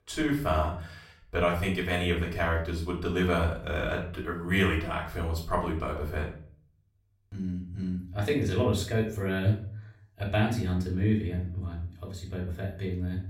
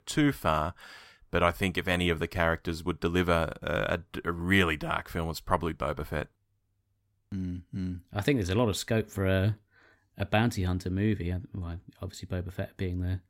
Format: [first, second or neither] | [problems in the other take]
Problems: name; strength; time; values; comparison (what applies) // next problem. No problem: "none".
second | off-mic speech; far // room echo; slight; dies away in 0.4 s